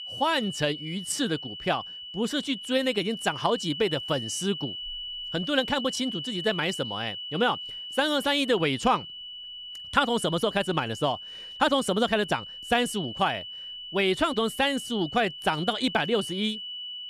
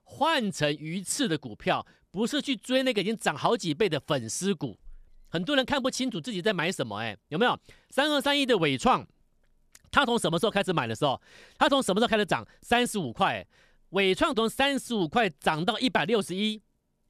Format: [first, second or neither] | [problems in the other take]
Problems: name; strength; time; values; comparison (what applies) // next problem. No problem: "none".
second | high-pitched whine; loud; throughout; 3 kHz, 9 dB below the speech